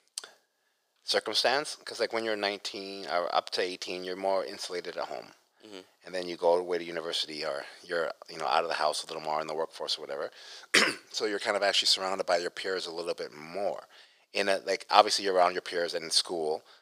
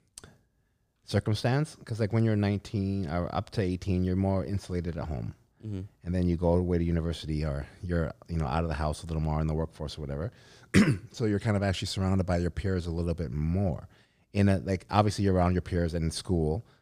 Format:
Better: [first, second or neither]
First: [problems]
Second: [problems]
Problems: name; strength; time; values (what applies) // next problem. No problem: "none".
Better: second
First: thin; very; fading below 500 Hz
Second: none